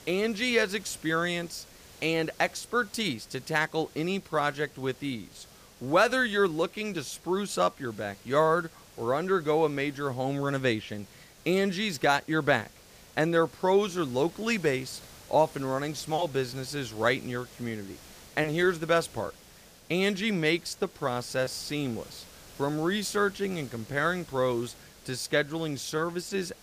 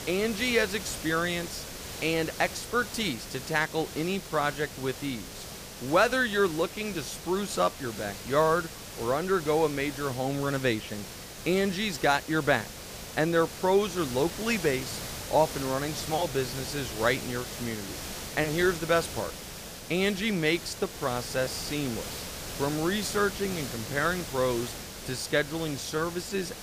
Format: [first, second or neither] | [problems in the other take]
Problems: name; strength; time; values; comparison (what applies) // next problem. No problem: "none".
first | hiss; loud; throughout; 9 dB below the speech; faint in the first